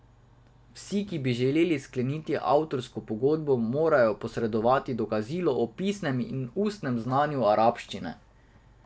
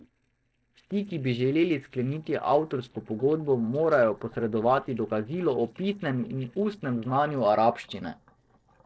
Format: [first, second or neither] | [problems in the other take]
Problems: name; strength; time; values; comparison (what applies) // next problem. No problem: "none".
first | noise reduction (neural separator model SepFormer DNS4)